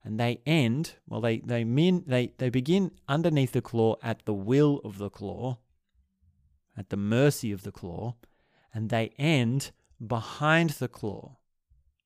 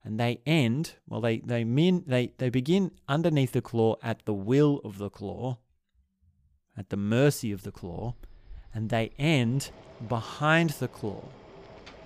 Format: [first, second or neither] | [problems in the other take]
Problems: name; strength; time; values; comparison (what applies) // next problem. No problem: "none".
first | household noises; faint; from 7.5 s on; 25 dB below the speech